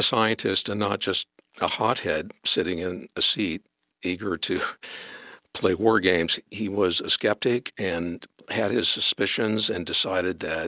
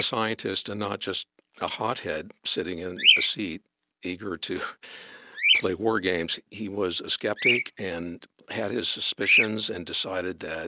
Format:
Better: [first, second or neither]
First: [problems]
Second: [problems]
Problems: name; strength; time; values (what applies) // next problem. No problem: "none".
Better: first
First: none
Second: background sound (Bird vocalization, bird call, bird song); as loud as the speech